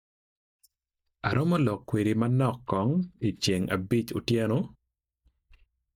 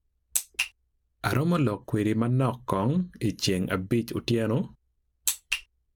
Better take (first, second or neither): second